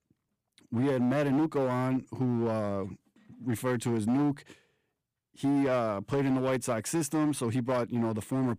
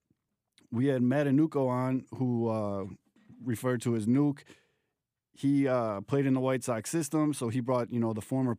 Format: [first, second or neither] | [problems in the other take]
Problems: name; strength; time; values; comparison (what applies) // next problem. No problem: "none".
second | distortion; slight; 11% of the sound clipped